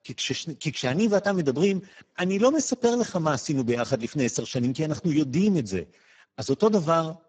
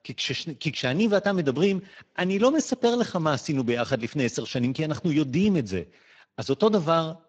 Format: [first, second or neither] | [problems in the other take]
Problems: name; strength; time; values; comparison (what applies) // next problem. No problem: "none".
second | garbled, watery; badly; nothing above 7.5 kHz; slightly in the second